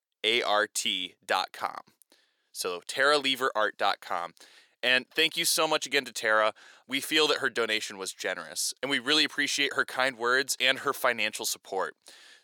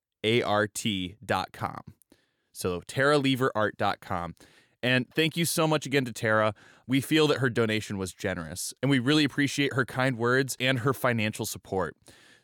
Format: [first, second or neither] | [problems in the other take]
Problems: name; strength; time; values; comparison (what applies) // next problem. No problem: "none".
second | thin; somewhat; fading below 500 Hz